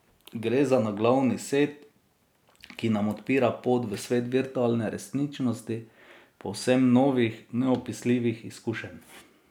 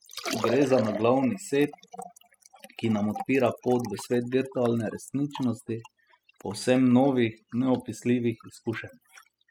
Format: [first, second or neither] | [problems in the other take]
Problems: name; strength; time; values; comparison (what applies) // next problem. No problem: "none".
first | noise reduction (classical method spectral subtraction)